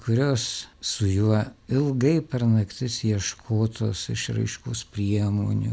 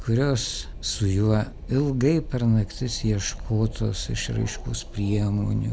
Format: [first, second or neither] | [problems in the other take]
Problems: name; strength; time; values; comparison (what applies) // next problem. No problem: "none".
first | background sound (Wind); 11 dB below the speech